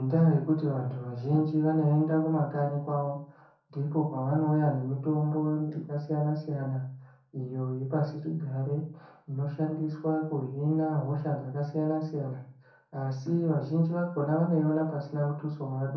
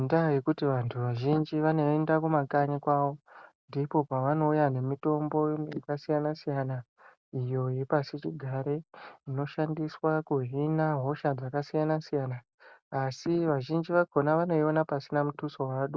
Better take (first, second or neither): second